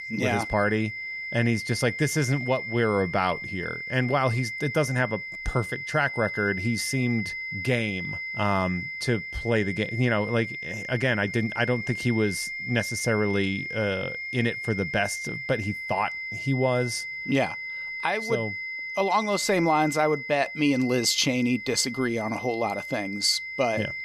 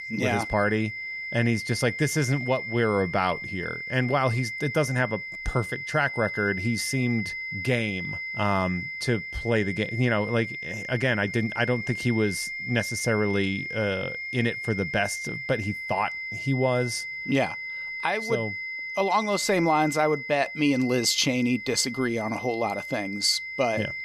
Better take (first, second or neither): neither